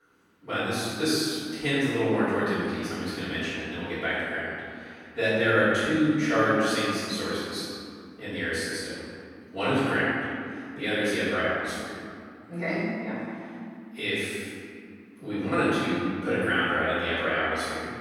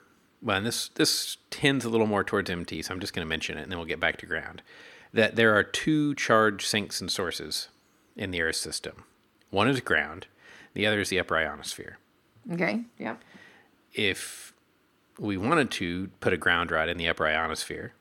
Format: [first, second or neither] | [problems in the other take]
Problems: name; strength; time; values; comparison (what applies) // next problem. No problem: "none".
second | off-mic speech; far // room echo; strong; dies away in 2.3 s